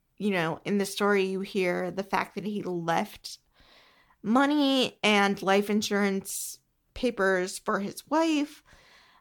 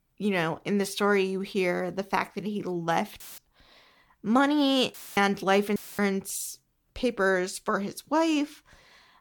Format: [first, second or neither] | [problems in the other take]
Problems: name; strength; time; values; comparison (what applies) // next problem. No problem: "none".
first | audio cutting out; filled with static; at 3 s, at 5 s and at 6 s